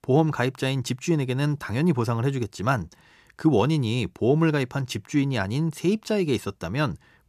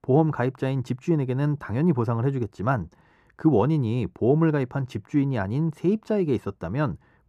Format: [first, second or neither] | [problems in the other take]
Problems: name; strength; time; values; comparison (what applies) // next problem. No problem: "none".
first | muffled; slightly; fading above 2 kHz